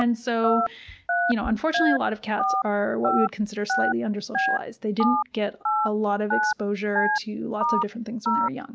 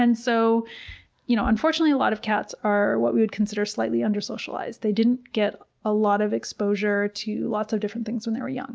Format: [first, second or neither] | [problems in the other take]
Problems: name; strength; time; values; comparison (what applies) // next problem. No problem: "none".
second | background sound (Telephone); 1 dB below the speech